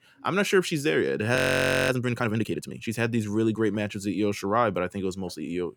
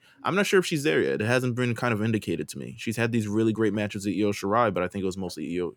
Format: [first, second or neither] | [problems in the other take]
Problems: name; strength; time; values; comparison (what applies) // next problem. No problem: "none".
second | audio freezing; at 1.5 s for 0.5 s